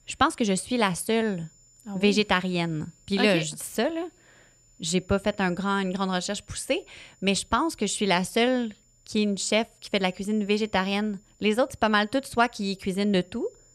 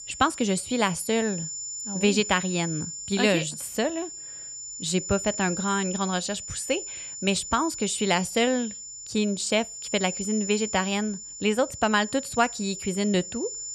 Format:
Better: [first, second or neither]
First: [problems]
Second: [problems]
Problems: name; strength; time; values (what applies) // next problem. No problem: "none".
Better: first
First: high-pitched whine; faint; throughout; 7 kHz, 30 dB below the speech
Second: high-pitched whine; loud; throughout; 7 kHz, 8 dB below the speech